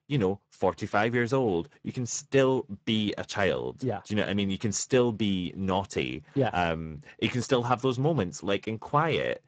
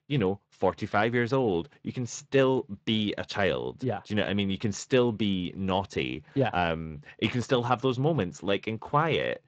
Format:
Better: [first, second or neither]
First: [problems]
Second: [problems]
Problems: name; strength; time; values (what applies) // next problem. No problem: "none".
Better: second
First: garbled, watery; badly; nothing above 7.5 kHz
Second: garbled, watery; slightly; nothing above 7.5 kHz